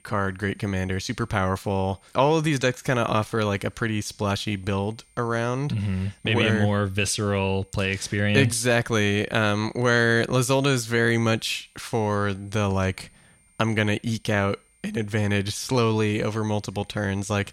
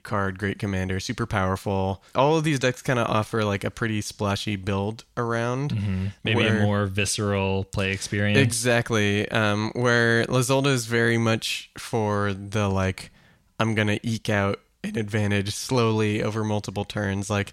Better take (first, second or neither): second